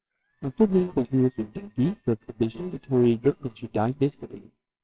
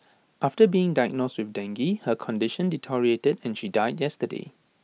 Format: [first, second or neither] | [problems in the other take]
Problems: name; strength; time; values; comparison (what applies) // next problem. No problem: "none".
second | noise reduction (neural separator model SepFormer WHAMR!)